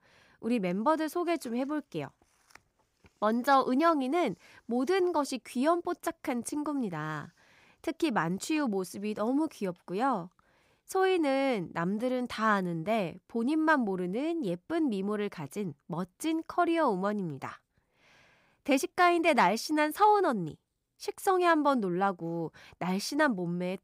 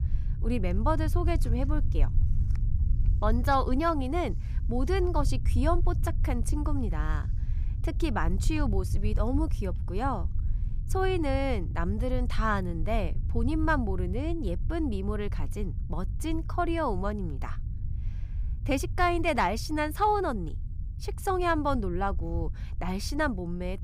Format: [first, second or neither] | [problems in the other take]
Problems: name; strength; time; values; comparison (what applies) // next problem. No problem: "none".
first | low rumble; noticeable; throughout; 20 dB below the speech